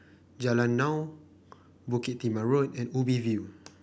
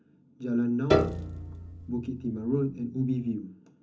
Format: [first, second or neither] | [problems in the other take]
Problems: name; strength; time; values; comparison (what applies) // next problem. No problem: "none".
first | background sound (Piano); as loud as the speech // room echo; dies away in 0.3 s